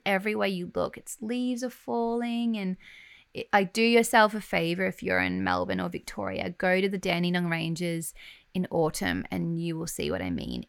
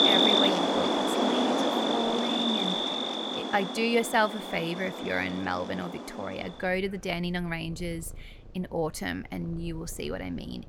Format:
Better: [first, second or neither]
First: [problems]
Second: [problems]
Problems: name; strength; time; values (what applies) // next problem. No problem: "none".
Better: first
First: none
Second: animal sounds; very loud; throughout; 4 dB above the speech